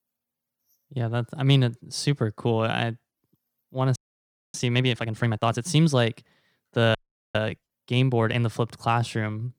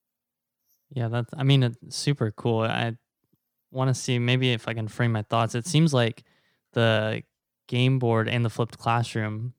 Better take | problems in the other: second | audio freezing; at 4 s for 0.5 s and at 7 s

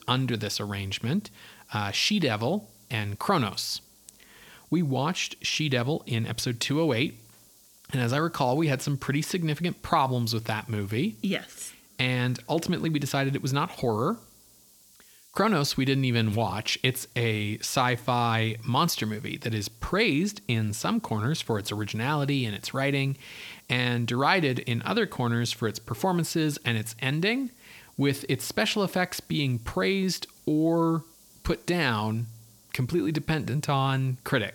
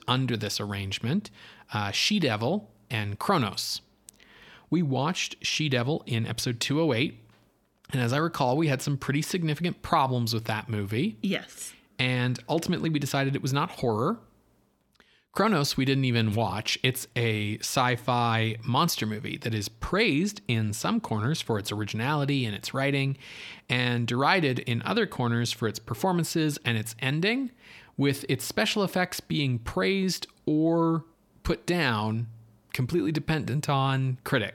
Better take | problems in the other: second | hiss; faint; throughout; 25 dB below the speech

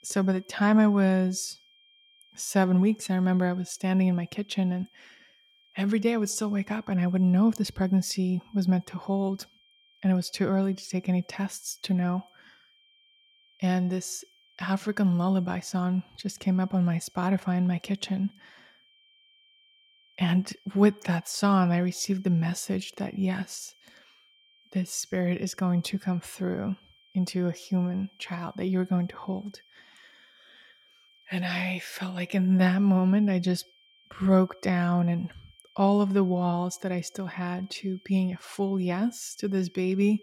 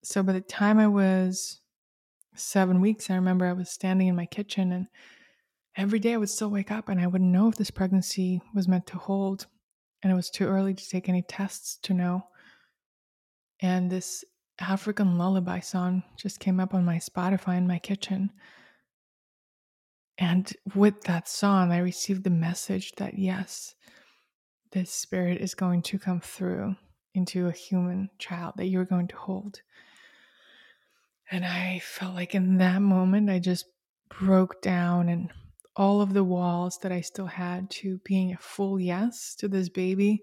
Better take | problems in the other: second | high-pitched whine; faint; throughout; 3 kHz, 30 dB below the speech

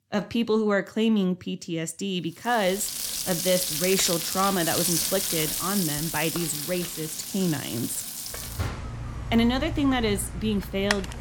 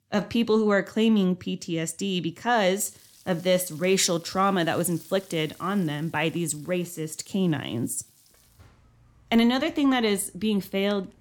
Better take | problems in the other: second | household noises; loud; from 3 s on; 2 dB below the speech; faint in the second

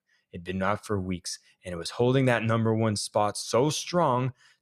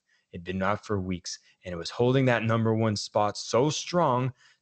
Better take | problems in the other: first | garbled, watery; slightly

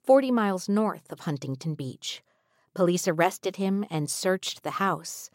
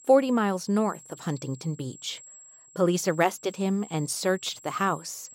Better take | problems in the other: first | high-pitched whine; noticeable; throughout; 7.5 kHz, 20 dB below the speech

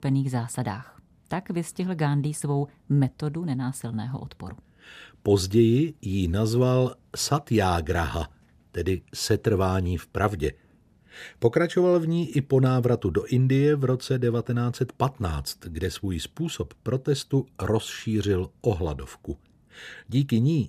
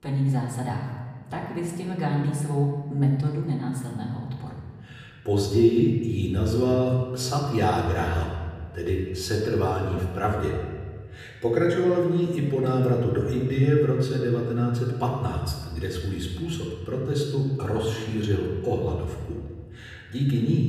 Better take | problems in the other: first | off-mic speech; far // room echo; noticeable; dies away in 1.6 s

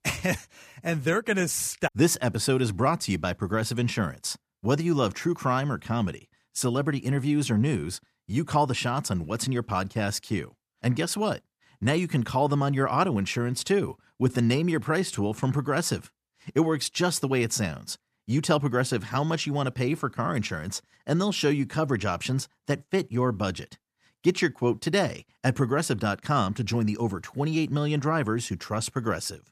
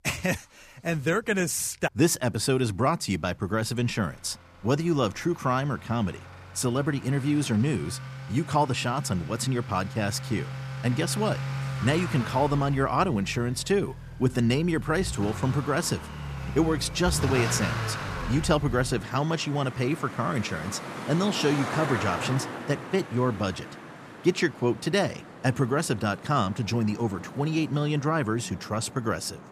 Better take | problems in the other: first | traffic noise; loud; throughout; 9 dB below the speech

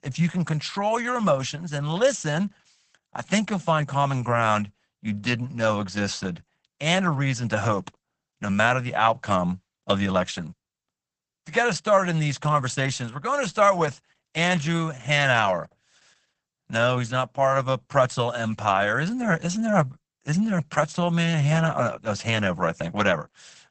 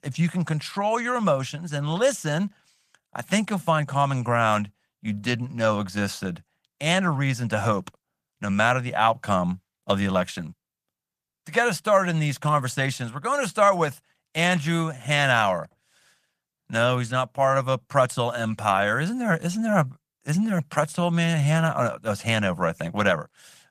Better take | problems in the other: second | garbled, watery; badly; nothing above 8 kHz; slightly in the second

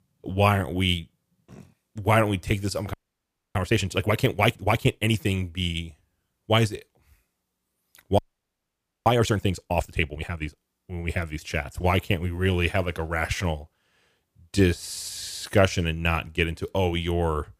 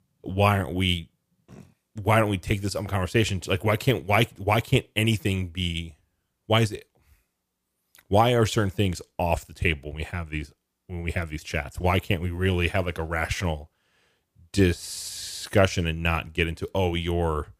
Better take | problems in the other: second | audio freezing; at 3 s for 0.5 s and at 8 s for 1 s

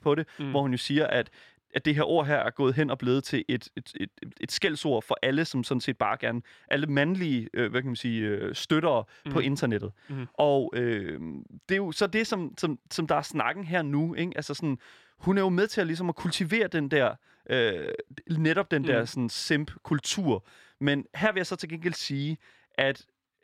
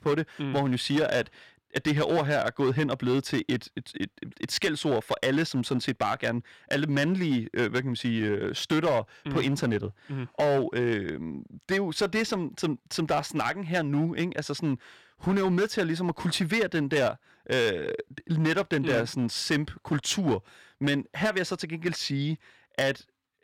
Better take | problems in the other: first | distortion; slight; 7% of the sound clipped

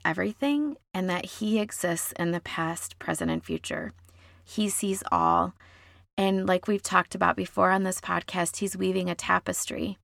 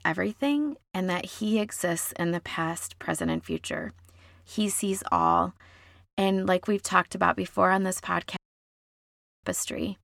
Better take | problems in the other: first | audio cutting out; at 8.5 s for 1 s

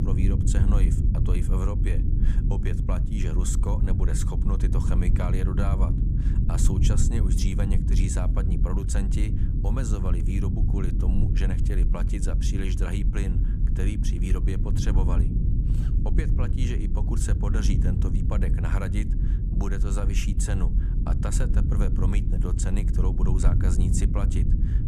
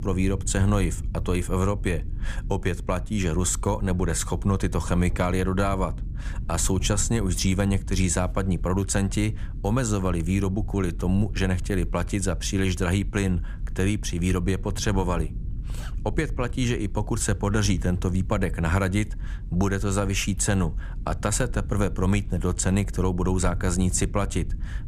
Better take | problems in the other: second | low rumble; loud; throughout; 3 dB below the speech; faint in the second

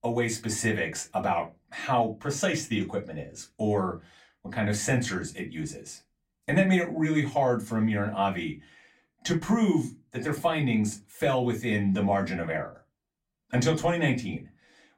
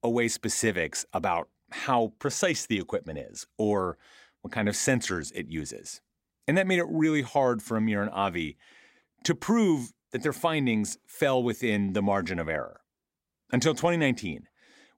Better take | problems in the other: second | off-mic speech; far // room echo; very slight; dies away in 0.2 s

